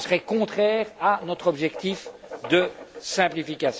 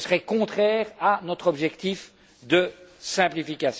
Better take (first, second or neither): second